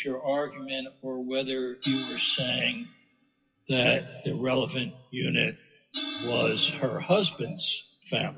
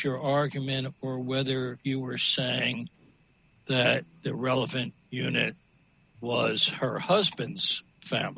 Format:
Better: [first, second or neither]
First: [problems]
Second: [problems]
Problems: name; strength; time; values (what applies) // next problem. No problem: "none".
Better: second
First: noise reduction (classical method WPE with log-MMSE)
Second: none